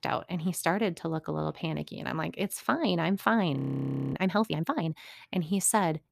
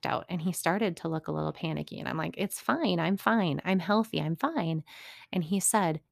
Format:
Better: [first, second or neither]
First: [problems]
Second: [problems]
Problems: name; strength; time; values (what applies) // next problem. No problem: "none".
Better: second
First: audio freezing; at 3.5 s for 0.5 s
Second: none